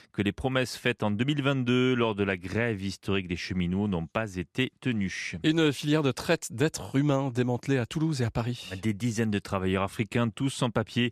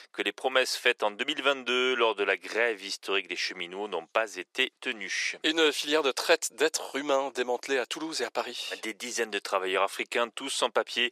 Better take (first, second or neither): first